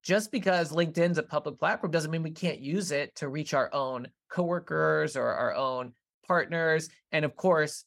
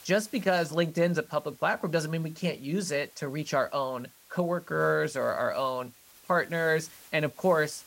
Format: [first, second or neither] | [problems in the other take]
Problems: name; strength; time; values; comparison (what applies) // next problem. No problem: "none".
first | hiss; faint; throughout; 25 dB below the speech